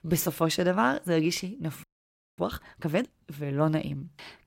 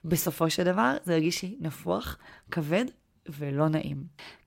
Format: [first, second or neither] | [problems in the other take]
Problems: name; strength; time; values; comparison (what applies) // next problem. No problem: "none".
second | audio freezing; at 2 s for 0.5 s